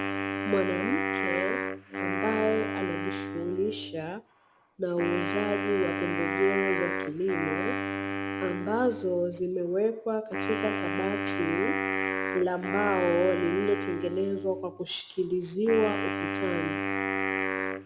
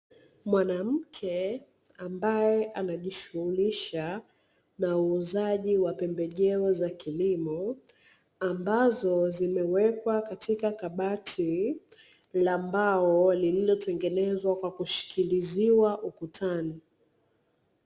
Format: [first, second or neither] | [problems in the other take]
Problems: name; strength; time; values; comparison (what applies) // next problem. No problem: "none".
second | background sound (Wind instrument, woodwind instrument); 2 dB below the speech